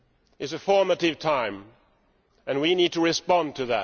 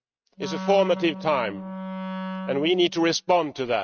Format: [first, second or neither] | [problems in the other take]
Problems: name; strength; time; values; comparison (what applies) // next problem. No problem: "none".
first | noise reduction (neural mask model RNNoise)